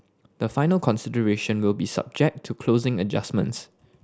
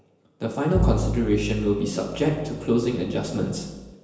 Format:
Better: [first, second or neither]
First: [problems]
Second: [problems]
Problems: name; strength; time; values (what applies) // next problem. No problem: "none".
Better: first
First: none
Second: background sound (Bowed string instrument); 4 dB below the speech // room echo; dies away in 1 s